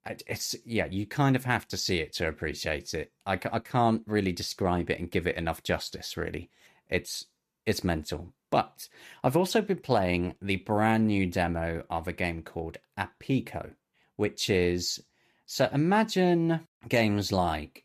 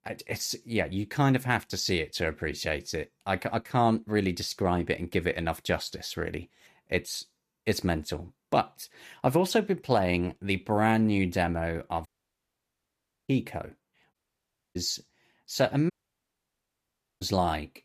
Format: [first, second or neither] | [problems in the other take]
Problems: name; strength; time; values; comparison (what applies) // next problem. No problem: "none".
first | audio cutting out; at 12 s for 1 s, at 14 s for 0.5 s and at 16 s for 1.5 s